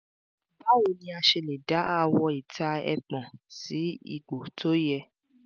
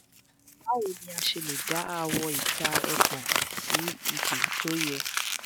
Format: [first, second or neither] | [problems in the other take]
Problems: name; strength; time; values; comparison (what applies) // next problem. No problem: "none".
first | background sound (Crumpling, crinkling); 4 dB above the speech